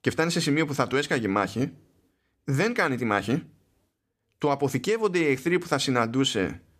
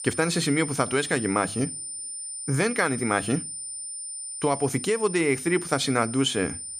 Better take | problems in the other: first | high-pitched whine; loud; throughout; 9 kHz, 7 dB below the speech

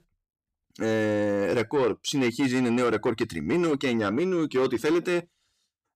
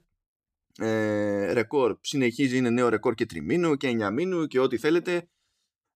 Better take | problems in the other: second | distortion; slight; 10 dB below the speech

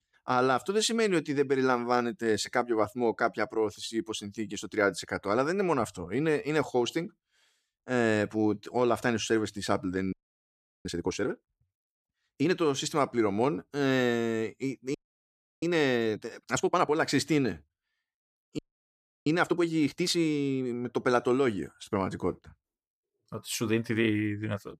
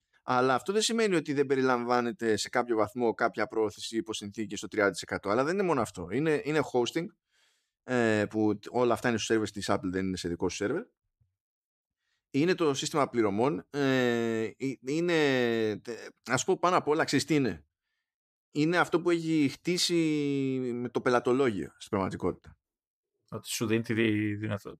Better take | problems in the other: second | audio freezing; at 10 s for 0.5 s, at 15 s for 0.5 s and at 19 s for 0.5 s

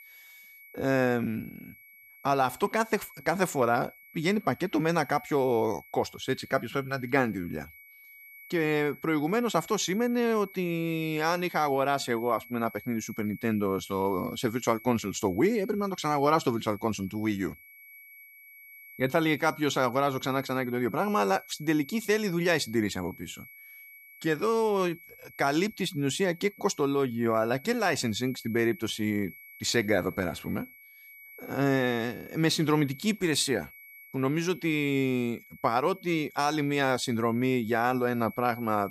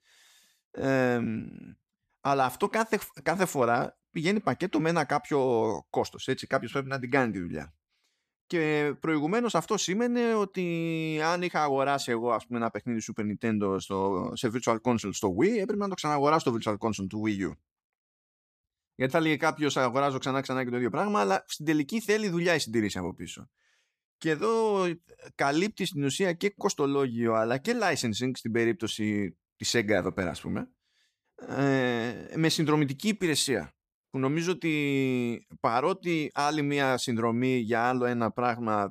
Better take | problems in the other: second | high-pitched whine; faint; throughout; 2.5 kHz, 20 dB below the speech

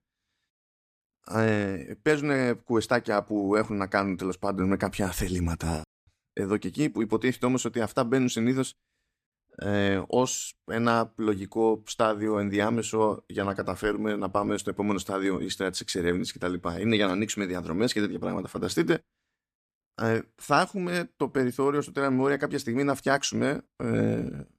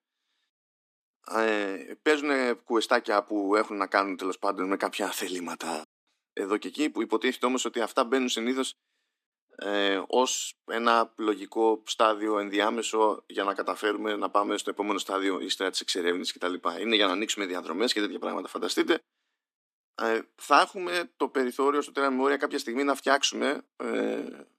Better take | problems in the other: first | thin; very slightly; fading below 250 Hz

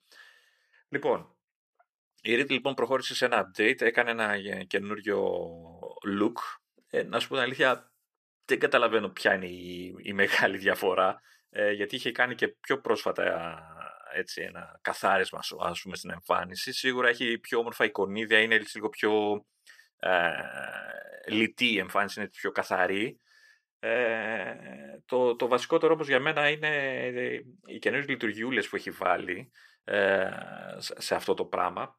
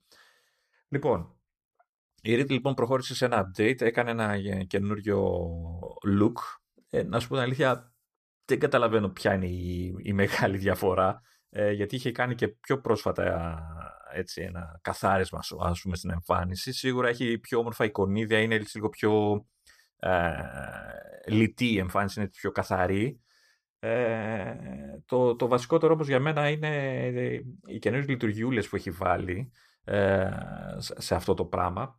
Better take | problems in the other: second | thin; somewhat; fading below 300 Hz

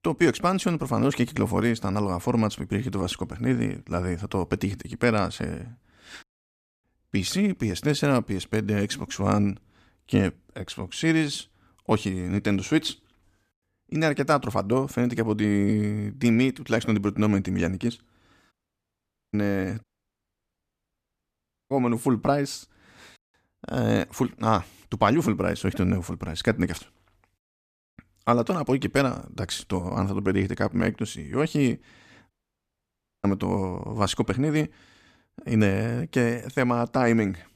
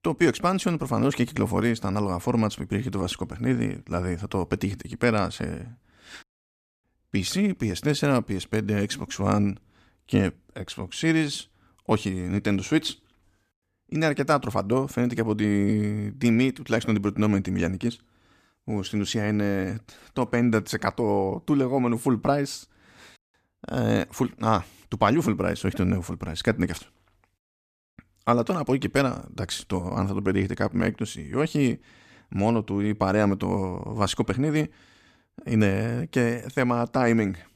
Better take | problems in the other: second | audio cutting out; at 19 s for 1 s, at 20 s for 2 s and at 32 s for 1 s

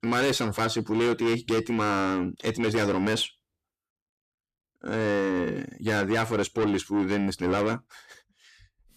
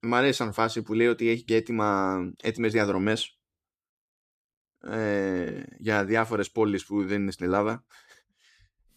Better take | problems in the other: second | distortion; heavy; 7 dB below the speech

